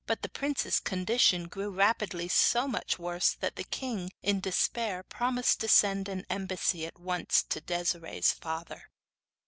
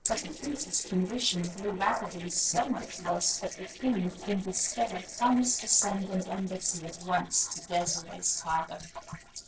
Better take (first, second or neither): first